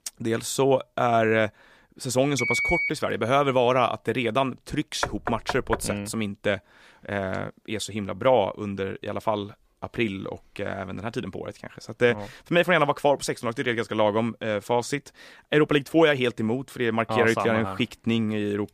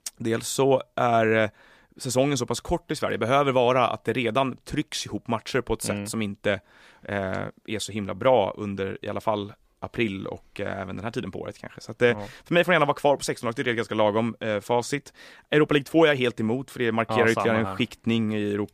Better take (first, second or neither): second